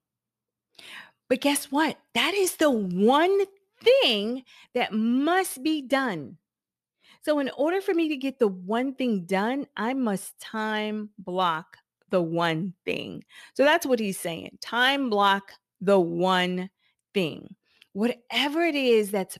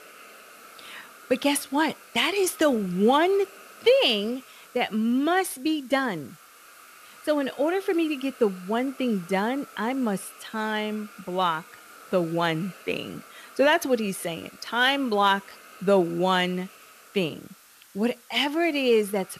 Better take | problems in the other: first | hiss; faint; throughout; 20 dB below the speech

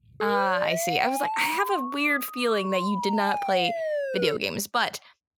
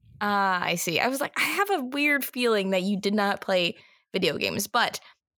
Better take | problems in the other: second | siren; noticeable; until 4.5 s; peak 2 dB below the speech

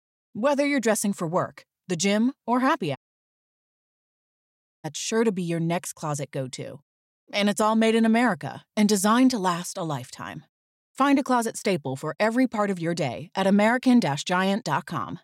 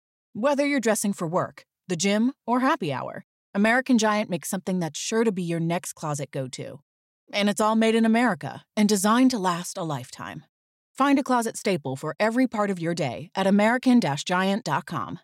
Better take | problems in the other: second | audio cutting out; at 3 s for 2 s

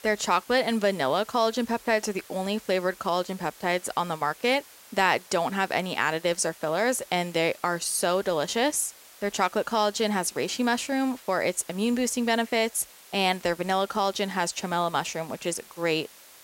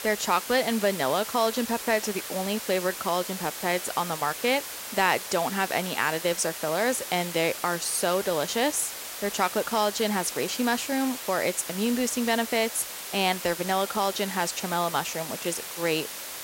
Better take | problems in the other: first | hiss; loud; throughout; 7 dB below the speech; faint in the first

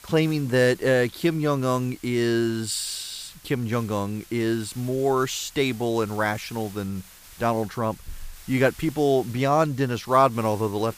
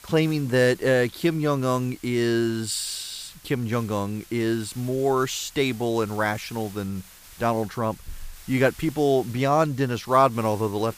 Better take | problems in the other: neither | hiss; faint; throughout; 20 dB below the speech; the same in both

